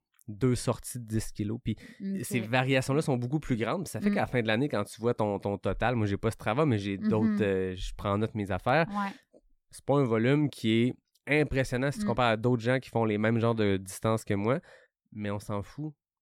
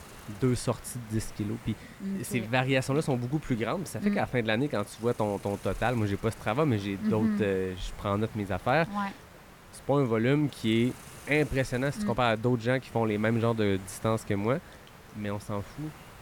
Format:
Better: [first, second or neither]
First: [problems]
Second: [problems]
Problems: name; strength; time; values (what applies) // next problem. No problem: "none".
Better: first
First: none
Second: hiss; noticeable; throughout; 20 dB below the speech